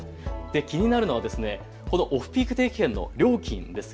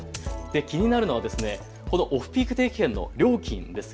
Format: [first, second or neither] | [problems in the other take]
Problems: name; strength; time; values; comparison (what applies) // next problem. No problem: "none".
first | background sound (Coin (dropping)); 17 dB below the speech